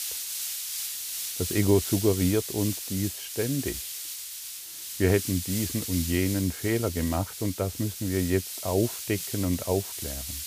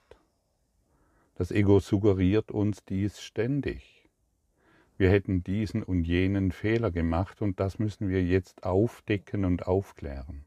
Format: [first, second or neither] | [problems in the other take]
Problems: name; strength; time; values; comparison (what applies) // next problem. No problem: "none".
second | hiss; loud; throughout; 5 dB below the speech